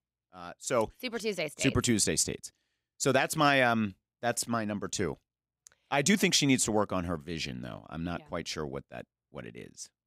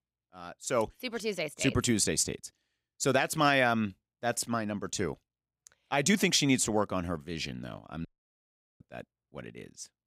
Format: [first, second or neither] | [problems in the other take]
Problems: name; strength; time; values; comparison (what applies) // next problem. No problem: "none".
first | audio cutting out; at 8 s for 1 s